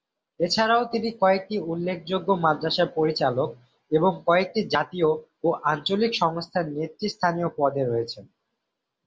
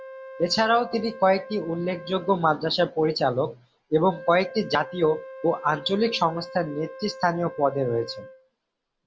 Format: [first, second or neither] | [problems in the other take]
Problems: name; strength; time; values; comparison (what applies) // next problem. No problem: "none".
first | background sound (Wind instrument, woodwind instrument); 17 dB below the speech